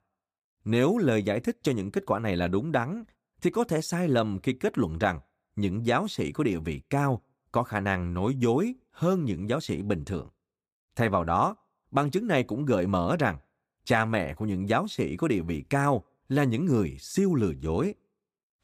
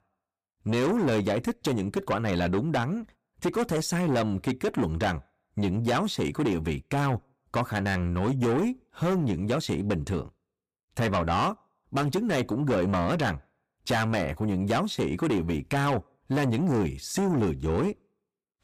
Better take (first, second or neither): first